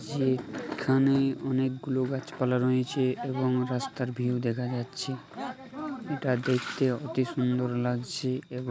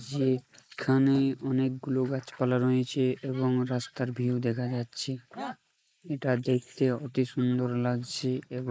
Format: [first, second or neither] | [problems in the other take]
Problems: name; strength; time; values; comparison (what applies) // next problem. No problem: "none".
first | noise reduction (neural mask model Resemble Enhance denoiser)